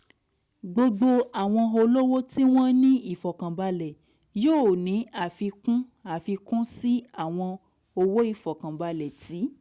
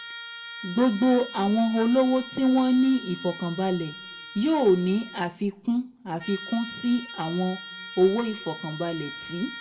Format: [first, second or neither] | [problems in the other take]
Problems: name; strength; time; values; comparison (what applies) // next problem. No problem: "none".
first | background sound (Trumpet); 15 dB below the speech // room echo; dies away in 0.4 s